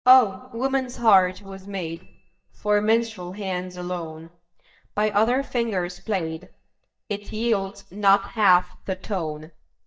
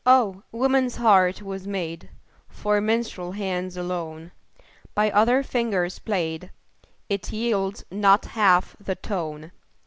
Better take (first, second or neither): second